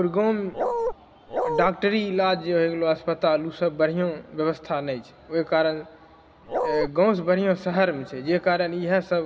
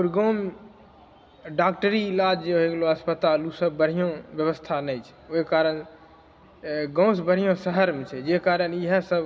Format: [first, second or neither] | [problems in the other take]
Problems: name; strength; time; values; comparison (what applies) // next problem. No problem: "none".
second | background sound (Bark); 1 dB below the speech